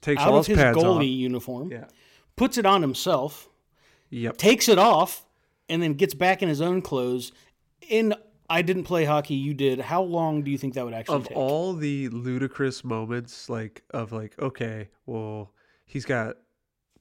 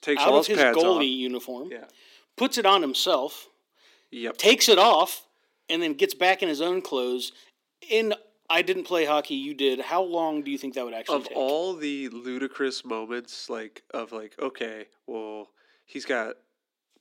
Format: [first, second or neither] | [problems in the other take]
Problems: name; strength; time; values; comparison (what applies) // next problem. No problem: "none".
first | thin; very slightly; fading below 250 Hz